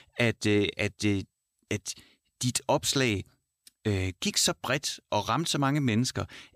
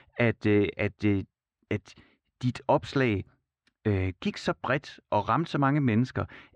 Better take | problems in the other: first | muffled; very; fading above 1.5 kHz

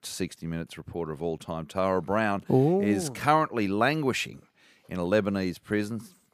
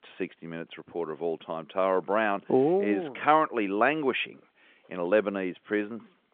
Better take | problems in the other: first | phone-call audio; nothing above 3.5 kHz

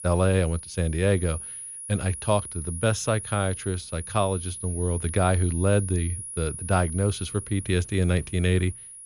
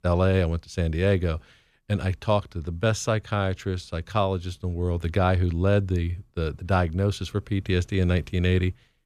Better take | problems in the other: second | high-pitched whine; loud; throughout; 10.5 kHz, 10 dB below the speech

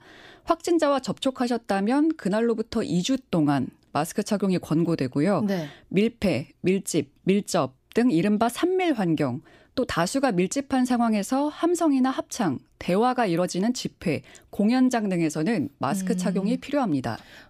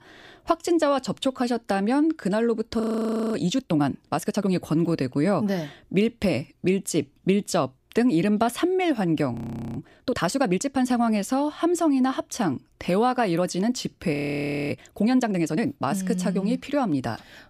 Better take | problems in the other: first | audio freezing; at 3 s for 0.5 s, at 9.5 s and at 14 s for 0.5 s

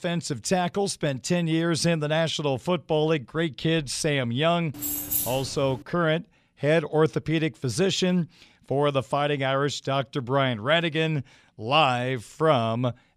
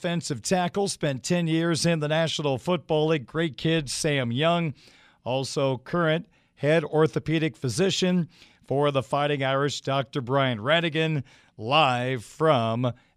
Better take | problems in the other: second | jangling keys; noticeable; from 4.5 to 6 s; peak level with the speech

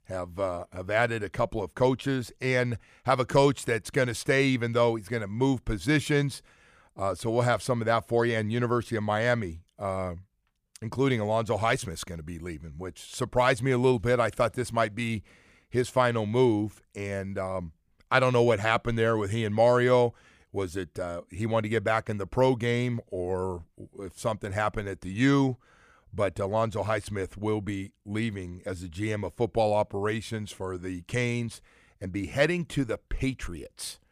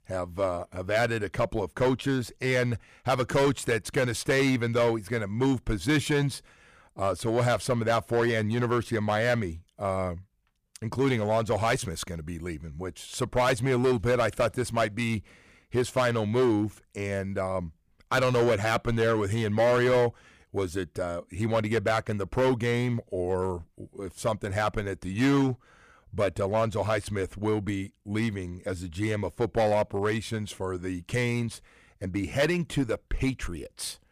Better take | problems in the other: first | distortion; slight; 6% of the sound clipped

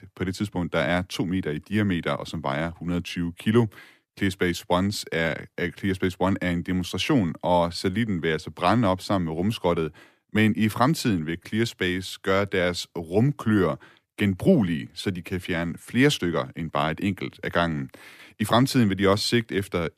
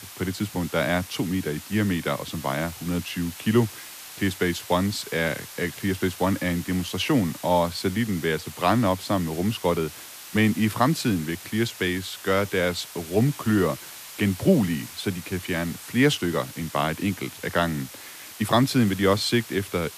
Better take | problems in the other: first | hiss; noticeable; throughout; 15 dB below the speech

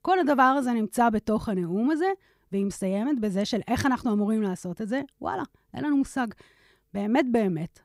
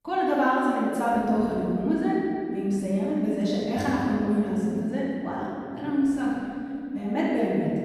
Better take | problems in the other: first | off-mic speech; far // room echo; strong; dies away in 2.6 s

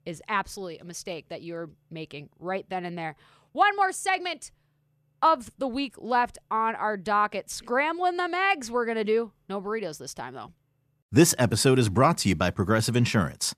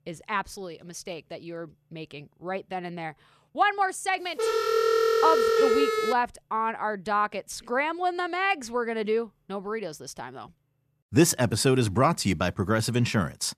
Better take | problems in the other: first | phone ringing; loud; from 4.5 to 6 s; peak 5 dB above the speech

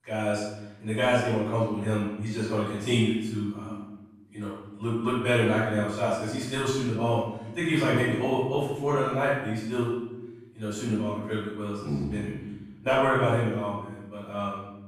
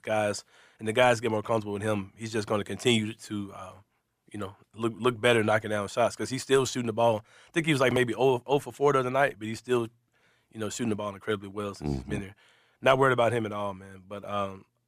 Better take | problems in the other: second | off-mic speech; far // room echo; strong; dies away in 1 s

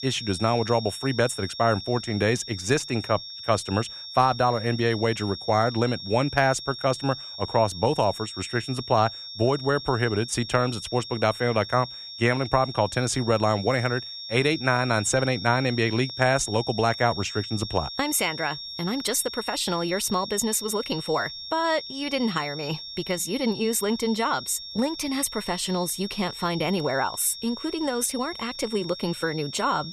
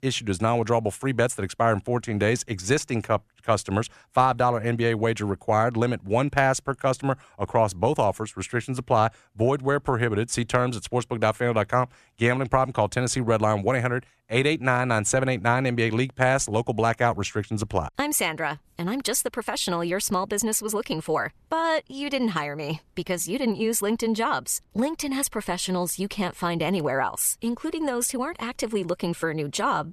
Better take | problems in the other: second | high-pitched whine; loud; throughout; 5.5 kHz, 10 dB below the speech

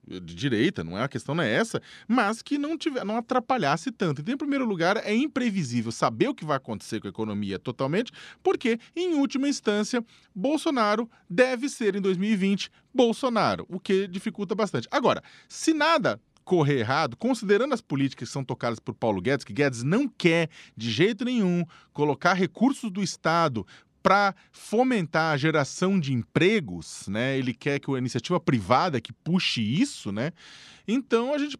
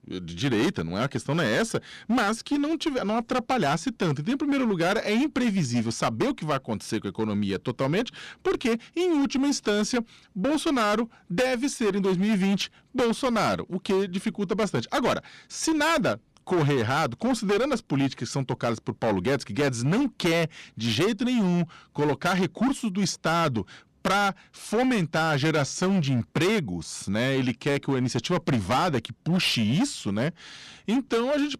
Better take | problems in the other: first | distortion; heavy; 16% of the sound clipped

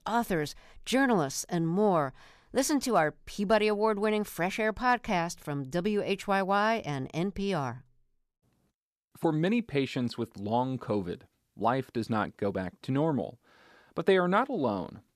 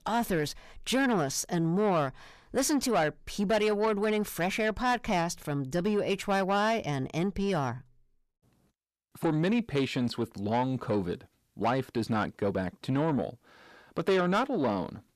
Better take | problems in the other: first | distortion; slight; 10 dB below the speech

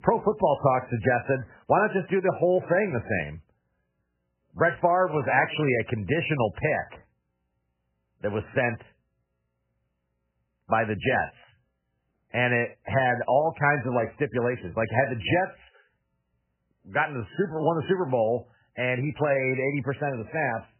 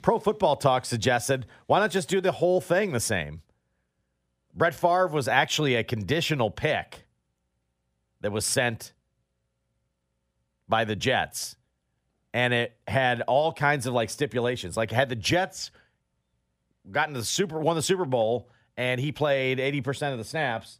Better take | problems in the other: second | garbled, watery; badly; nothing above 3 kHz

